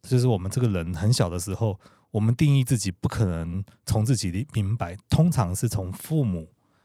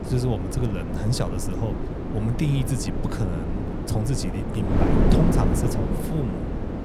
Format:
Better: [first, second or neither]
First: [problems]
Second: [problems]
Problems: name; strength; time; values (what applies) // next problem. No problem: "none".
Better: first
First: none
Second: wind noise on the microphone; heavy; 2 dB above the speech